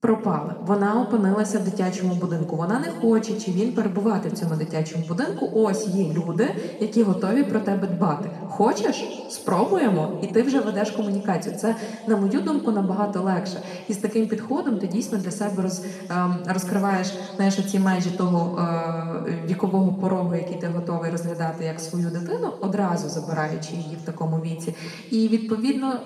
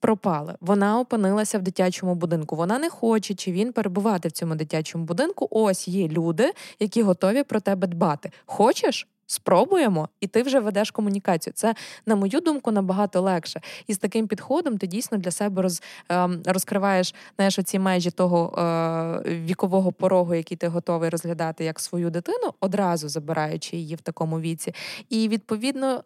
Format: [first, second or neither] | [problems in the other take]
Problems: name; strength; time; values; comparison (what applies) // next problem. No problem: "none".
second | room echo; noticeable; dies away in 1.5 s // off-mic speech; somewhat distant